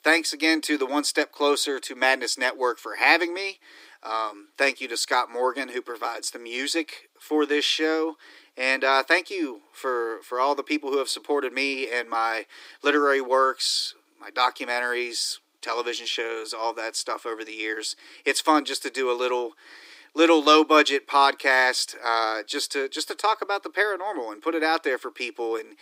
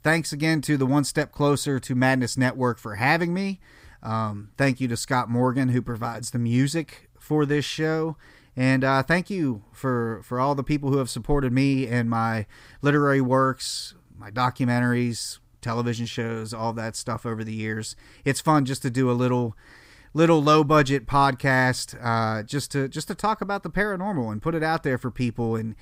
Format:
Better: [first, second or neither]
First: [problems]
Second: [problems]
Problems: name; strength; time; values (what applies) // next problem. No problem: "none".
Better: second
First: thin; very; fading below 300 Hz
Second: none